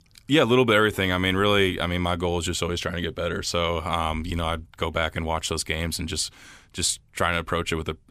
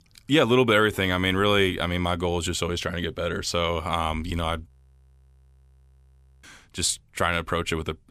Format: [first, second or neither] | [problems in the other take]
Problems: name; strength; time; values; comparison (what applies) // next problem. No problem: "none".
first | audio freezing; at 4.5 s for 1.5 s